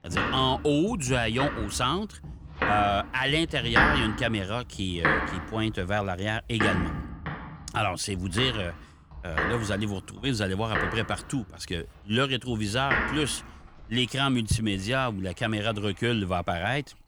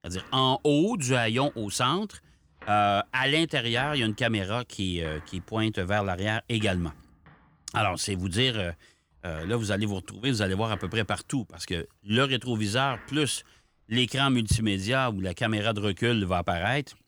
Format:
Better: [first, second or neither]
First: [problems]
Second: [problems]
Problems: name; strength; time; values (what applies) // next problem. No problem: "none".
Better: second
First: household noises; loud; throughout; 2 dB below the speech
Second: household noises; faint; throughout; 25 dB below the speech